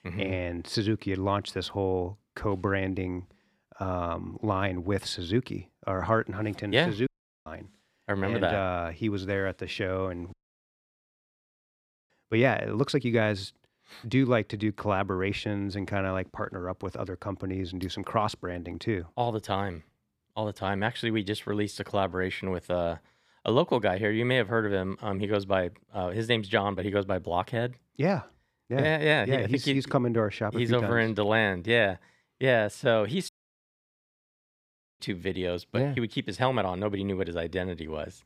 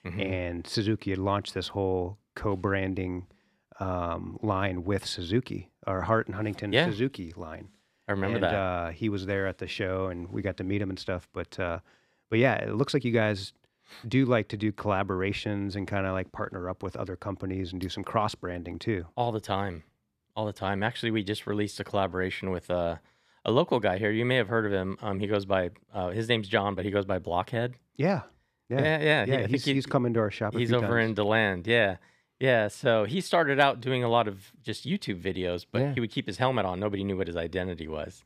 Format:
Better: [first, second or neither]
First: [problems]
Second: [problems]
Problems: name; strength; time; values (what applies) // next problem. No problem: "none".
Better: second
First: audio cutting out; at 7 s, at 10 s for 2 s and at 33 s for 1.5 s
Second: none